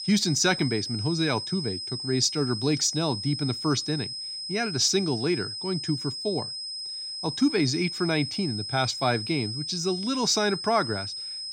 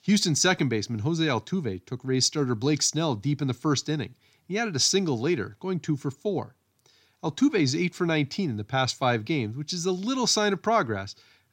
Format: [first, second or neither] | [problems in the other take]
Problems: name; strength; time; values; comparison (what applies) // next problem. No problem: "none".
second | high-pitched whine; loud; throughout; 5 kHz, 6 dB below the speech